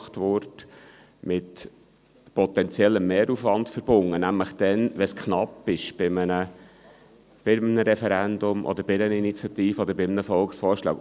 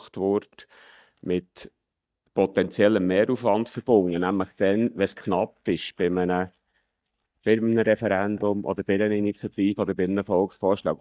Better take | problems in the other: first | noise reduction (neural mask model DeepFilterNet 3)

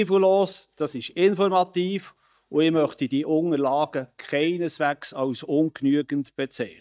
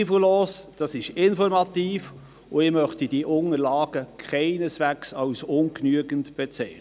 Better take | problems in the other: second | noise reduction (neural mask model DeepFilterNet 3)

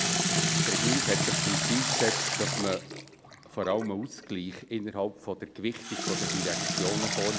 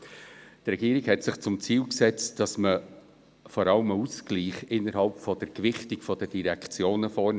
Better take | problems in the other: second | background sound (Sink (filling or washing) / Water tap, faucet); 3 dB above the speech

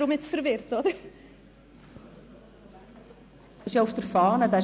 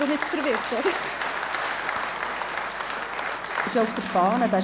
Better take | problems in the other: first | background sound (Applause); 2 dB below the speech

